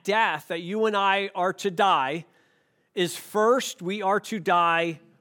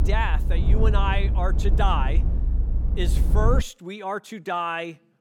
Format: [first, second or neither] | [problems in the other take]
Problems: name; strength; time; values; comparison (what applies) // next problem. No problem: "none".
first | low rumble; noticeable; until 3.5 s; 10 dB below the speech